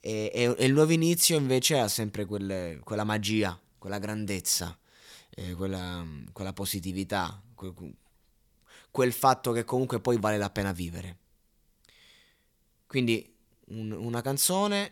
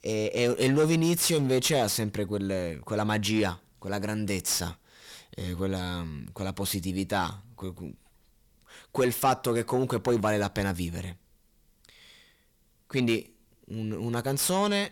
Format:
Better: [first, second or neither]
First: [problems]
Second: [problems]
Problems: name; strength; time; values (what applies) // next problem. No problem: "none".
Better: first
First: none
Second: distortion; slight; 10 dB below the speech